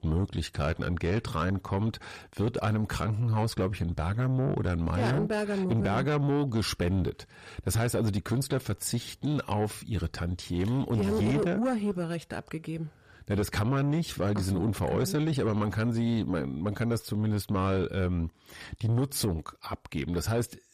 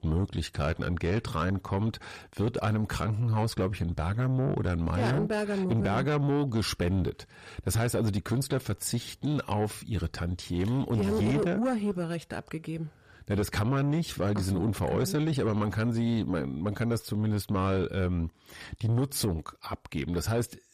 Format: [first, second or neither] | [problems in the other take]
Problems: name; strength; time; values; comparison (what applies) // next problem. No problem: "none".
neither | distortion; slight; 10 dB below the speech; the same in both